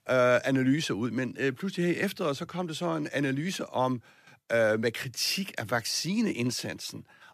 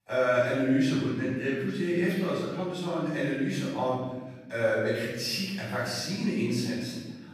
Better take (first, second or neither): first